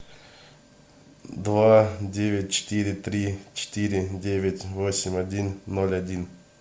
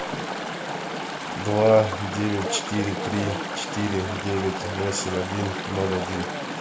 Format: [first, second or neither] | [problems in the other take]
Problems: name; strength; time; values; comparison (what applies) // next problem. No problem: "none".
first | background sound (Chatter / Stream); 4 dB below the speech